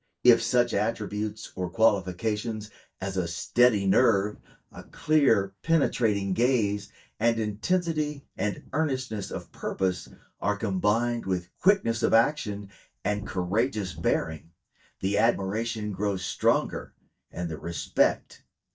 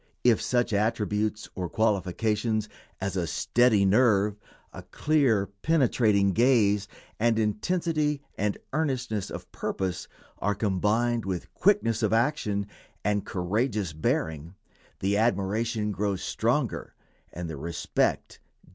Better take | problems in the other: second | noise reduction (neural mask model DeepFilterNet 3)

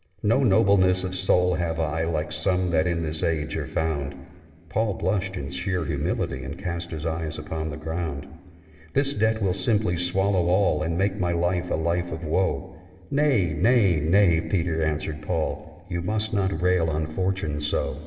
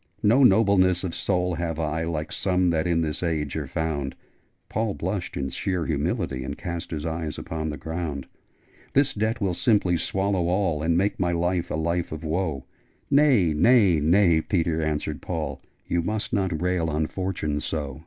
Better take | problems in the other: second | room echo; dies away in 2.6 s

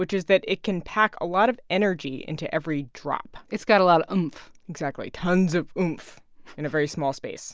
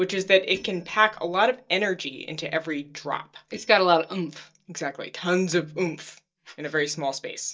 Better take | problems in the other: first | noise reduction (neural mask model DeepFilterNet 3)

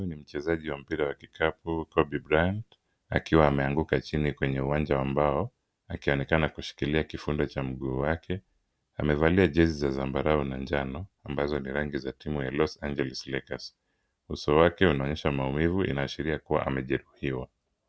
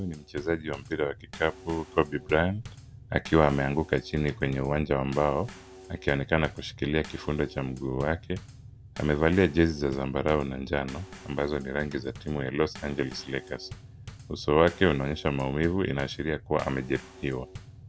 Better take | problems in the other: first | background sound (Bass drum / Snare drum / Drum kit); 17 dB below the speech

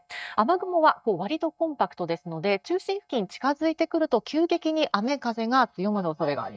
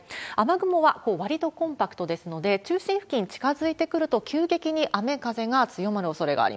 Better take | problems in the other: second | noise reduction (neural mask model DeepFilterNet 3)

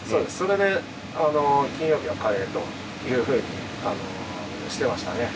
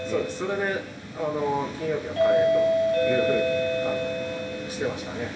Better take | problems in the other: first | background sound (Doorbell); 3 dB above the speech // room echo; dies away in 2.8 s

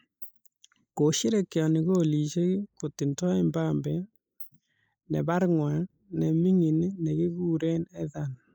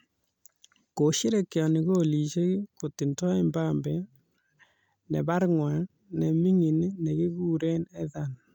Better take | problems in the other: second | noise reduction (neural mask model Resemble Enhance denoiser)

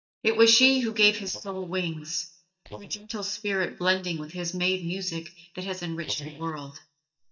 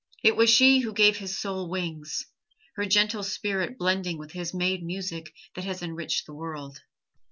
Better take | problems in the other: second | noise reduction (neural mask model DeepFilterNet 3)

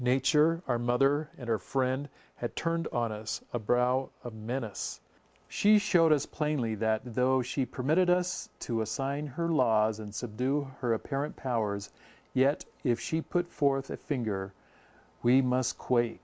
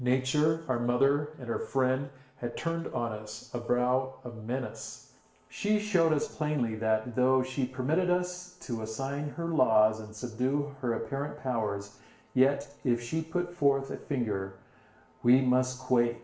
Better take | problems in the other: first | room echo; dies away in 0.7 s

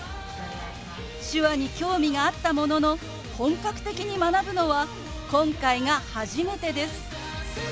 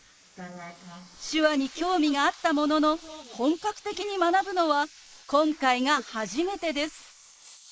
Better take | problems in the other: first | noise reduction (neural mask model Resemble Enhance denoiser)

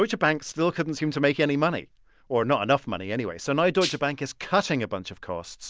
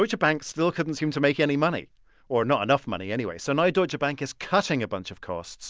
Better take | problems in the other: second | background sound (Rattle (instrument)); 6 dB below the speech

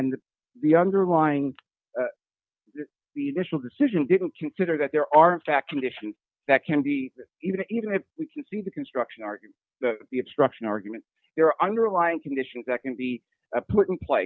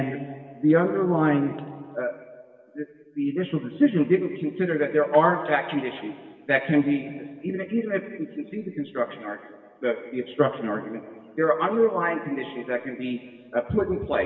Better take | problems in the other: first | room echo; dies away in 1.8 s

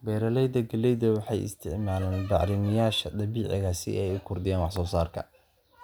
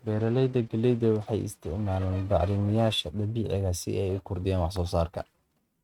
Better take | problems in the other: first | noise reduction (neural mask model RNNoise)

